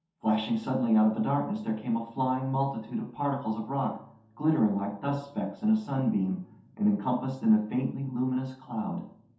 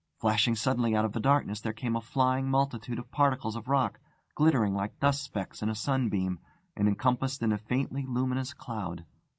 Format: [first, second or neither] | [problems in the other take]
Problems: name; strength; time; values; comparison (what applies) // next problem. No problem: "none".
second | room echo; dies away in 0.6 s